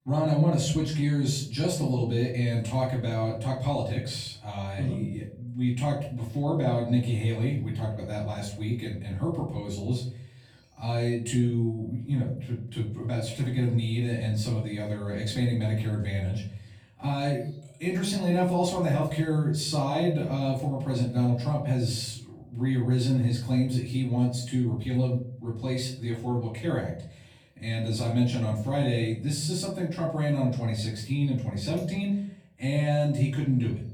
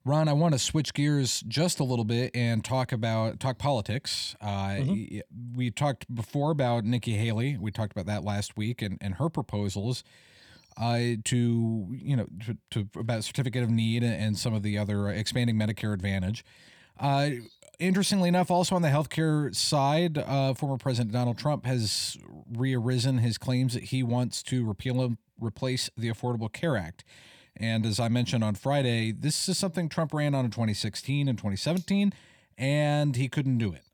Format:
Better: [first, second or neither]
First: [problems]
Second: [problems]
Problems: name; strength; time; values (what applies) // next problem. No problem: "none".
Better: second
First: room echo; slight; dies away in 0.6 s // off-mic speech; far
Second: none